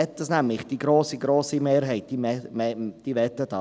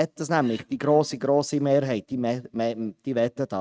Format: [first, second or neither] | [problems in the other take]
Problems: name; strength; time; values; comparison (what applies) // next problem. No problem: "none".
first | noise reduction (neural mask model RNNoise)